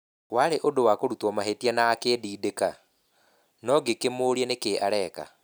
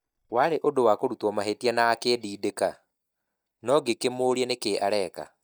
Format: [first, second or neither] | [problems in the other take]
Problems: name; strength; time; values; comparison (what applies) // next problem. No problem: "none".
first | noise reduction (neural mask model DeepFilterNet 3)